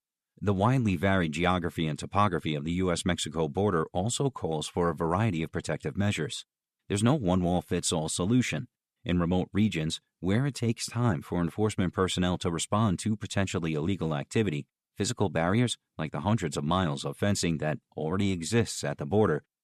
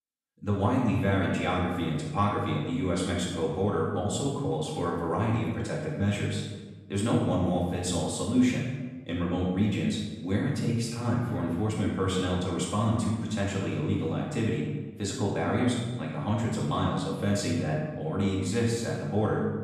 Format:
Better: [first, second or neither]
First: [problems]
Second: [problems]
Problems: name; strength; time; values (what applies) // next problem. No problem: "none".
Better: first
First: none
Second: room echo; noticeable; dies away in 1.1 s // off-mic speech; far